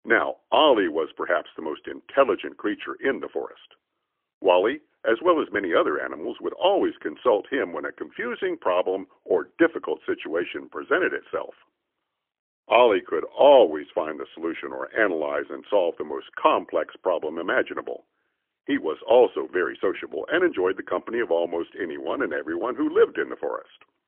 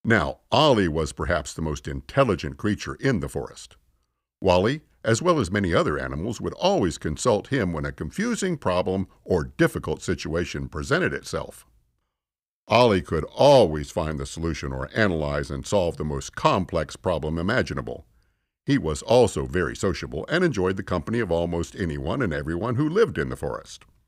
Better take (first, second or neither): second